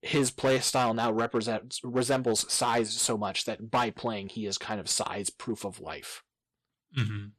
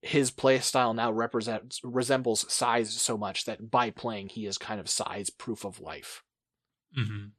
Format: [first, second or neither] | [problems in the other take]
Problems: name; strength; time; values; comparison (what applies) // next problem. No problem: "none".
second | distortion; slight; 4% of the sound clipped